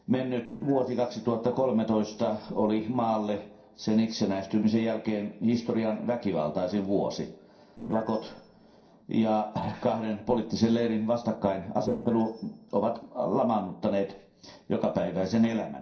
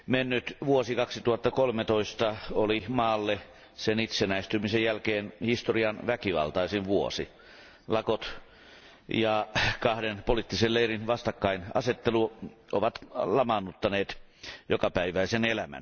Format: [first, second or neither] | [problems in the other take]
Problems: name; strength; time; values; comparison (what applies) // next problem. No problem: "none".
second | noise reduction (neural separator model SepFormer DNS4)